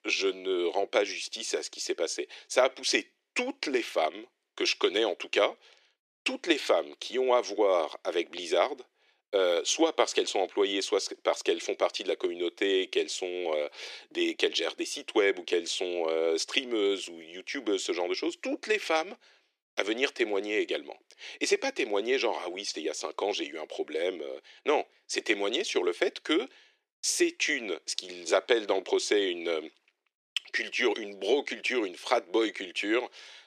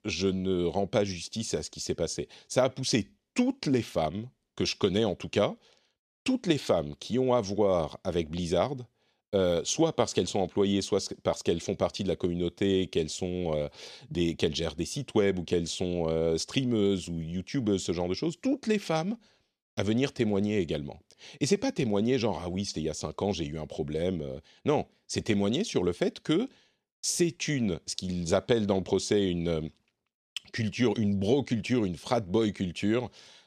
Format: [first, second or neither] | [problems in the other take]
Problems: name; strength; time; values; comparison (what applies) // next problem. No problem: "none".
second | thin; very; fading below 350 Hz